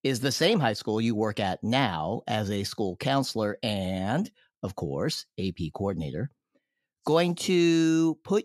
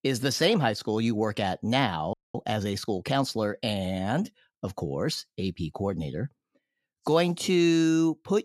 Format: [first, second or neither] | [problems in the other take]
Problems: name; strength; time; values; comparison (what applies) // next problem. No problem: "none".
first | audio freezing; at 2 s